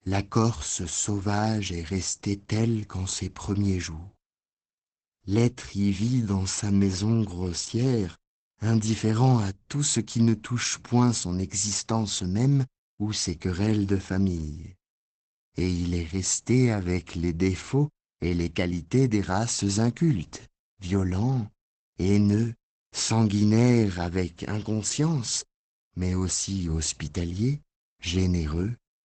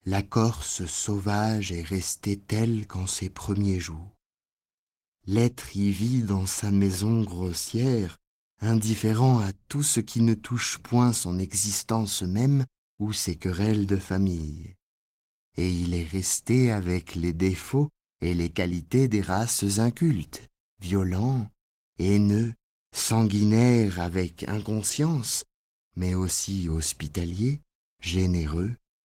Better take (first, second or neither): second